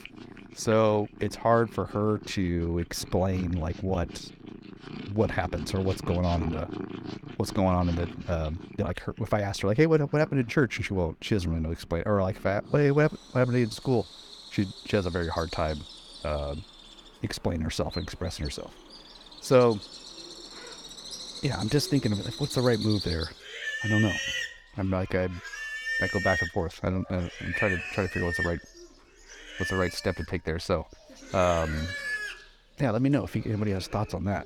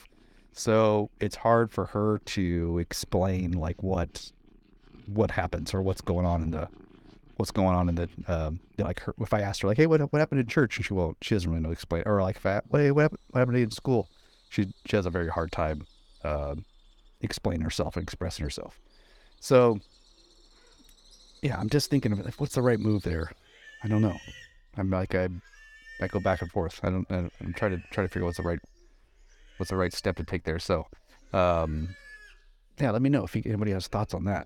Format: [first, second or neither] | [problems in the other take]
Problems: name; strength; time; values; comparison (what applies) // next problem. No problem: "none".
second | animal sounds; loud; throughout; 8 dB below the speech; faint in the second